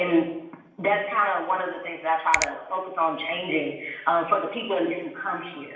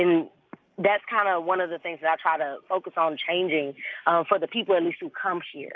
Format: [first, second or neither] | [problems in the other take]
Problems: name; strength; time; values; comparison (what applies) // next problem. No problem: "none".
second | background sound (Finger snapping); 6 dB below the speech // room echo; dies away in 0.8 s